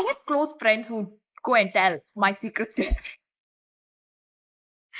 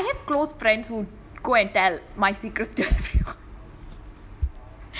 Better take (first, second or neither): second